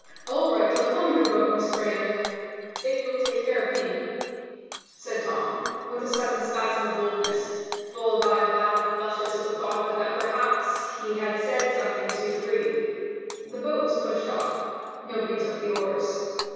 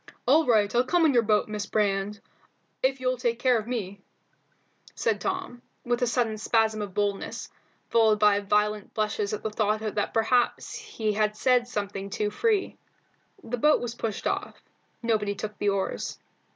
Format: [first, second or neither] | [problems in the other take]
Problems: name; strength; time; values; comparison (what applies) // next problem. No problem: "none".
second | background sound (Shatter / Hammer); 15 dB below the speech // room echo; dies away in 2.2 s